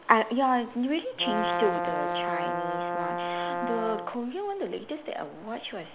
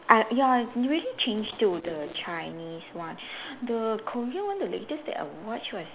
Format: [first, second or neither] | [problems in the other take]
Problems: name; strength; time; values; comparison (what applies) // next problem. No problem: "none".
second | background sound (Brass instrument); 1 dB below the speech